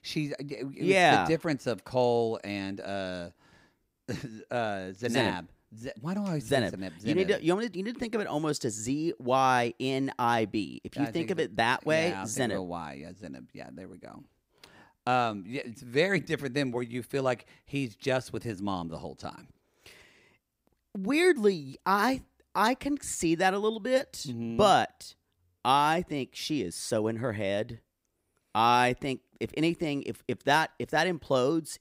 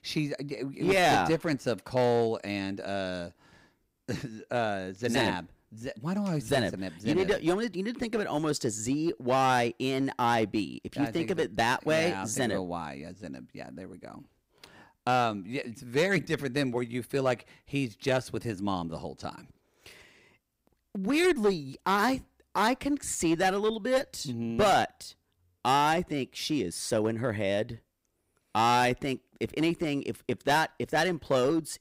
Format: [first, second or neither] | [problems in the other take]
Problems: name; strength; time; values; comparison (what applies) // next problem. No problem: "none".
first | distortion; slight; 5% of the sound clipped